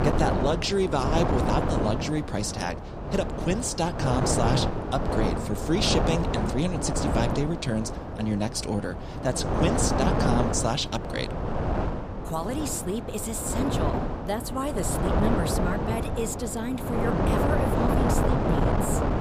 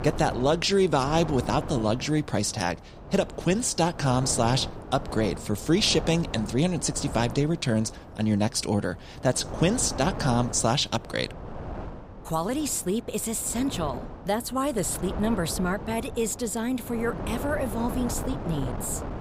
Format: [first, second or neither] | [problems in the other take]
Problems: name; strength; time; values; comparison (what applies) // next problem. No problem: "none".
second | wind noise on the microphone; heavy; as loud as the speech; occasional gusts in the second